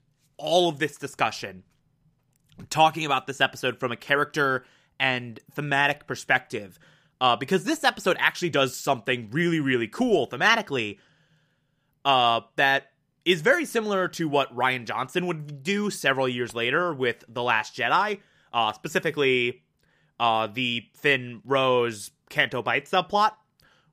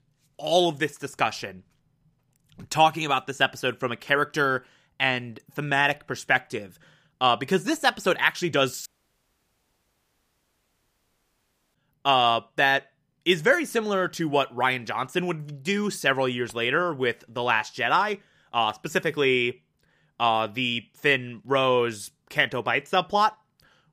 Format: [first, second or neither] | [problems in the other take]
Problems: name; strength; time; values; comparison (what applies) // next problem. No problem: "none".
first | audio cutting out; at 9 s for 3 s